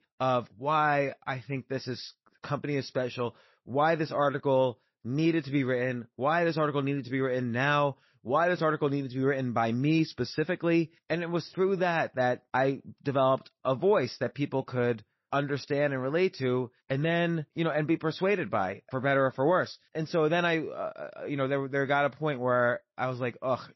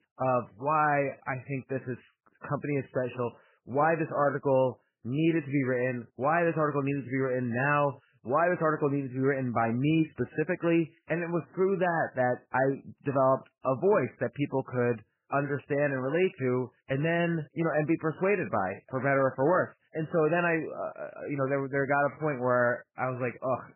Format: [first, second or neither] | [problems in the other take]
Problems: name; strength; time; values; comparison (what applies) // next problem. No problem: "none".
first | garbled, watery; badly; nothing above 3 kHz; slightly in the first